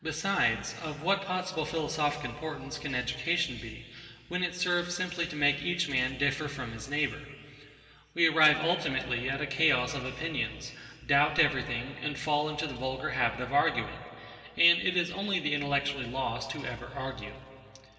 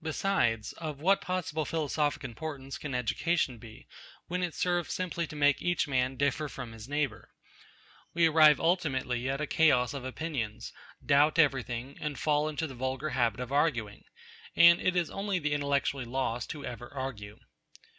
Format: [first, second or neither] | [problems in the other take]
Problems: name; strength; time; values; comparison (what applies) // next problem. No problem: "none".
second | room echo; dies away in 2.9 s